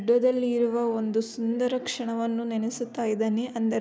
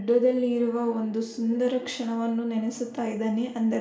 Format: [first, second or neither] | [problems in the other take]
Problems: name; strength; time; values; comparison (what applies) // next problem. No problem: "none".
first | room echo; dies away in 0.5 s